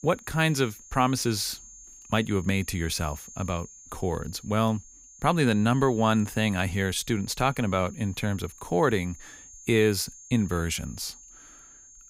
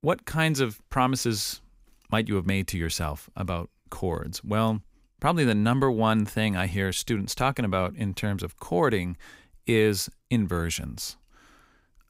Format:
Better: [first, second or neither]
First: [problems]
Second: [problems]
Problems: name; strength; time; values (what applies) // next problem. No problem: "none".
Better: second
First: high-pitched whine; noticeable; throughout; 6.5 kHz, 20 dB below the speech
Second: none